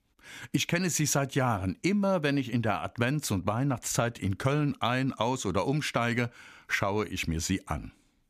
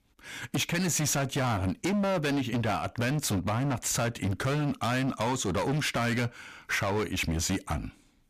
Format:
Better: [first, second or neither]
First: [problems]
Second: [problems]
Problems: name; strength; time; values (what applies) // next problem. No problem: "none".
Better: first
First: none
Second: distortion; heavy; 24% of the sound clipped